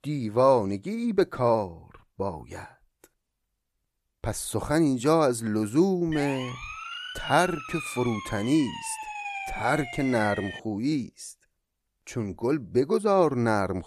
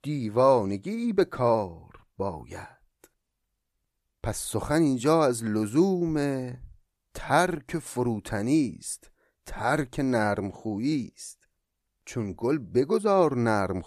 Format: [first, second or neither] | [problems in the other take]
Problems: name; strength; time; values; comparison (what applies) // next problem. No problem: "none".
second | siren; noticeable; from 6 to 11 s; peak 7 dB below the speech